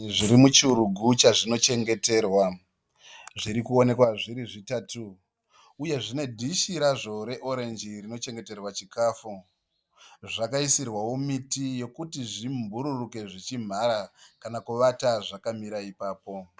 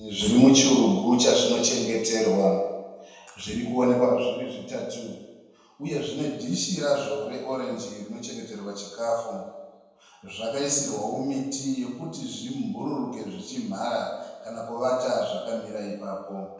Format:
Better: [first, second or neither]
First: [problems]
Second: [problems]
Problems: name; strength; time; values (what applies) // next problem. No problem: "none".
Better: first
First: none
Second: room echo; dies away in 1.1 s